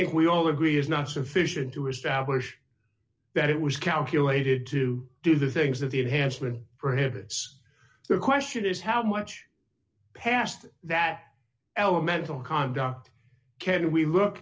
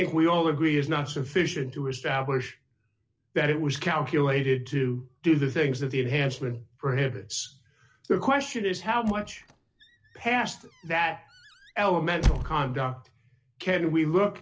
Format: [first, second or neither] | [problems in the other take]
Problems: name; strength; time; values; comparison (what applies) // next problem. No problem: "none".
first | background sound (Squeak / Slam / Wood); 6 dB below the speech